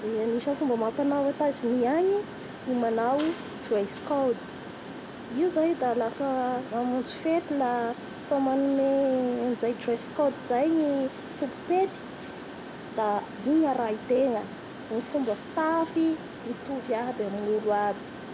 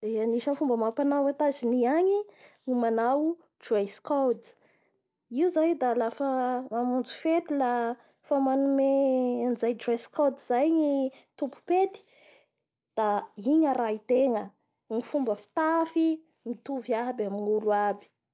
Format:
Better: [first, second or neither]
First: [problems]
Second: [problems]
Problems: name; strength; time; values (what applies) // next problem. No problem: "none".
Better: second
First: background sound (Mechanisms); 12 dB below the speech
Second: none